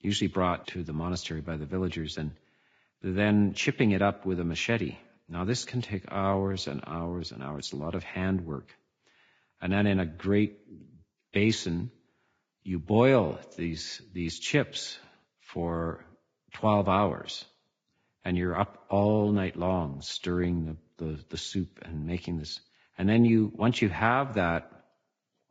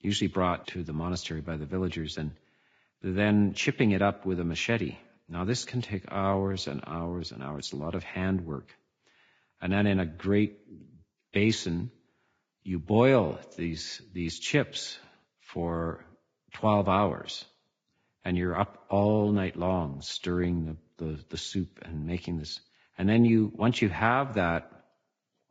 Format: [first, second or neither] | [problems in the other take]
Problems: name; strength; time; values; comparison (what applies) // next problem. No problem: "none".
neither | garbled, watery; badly; nothing above 7.5 kHz; the same in both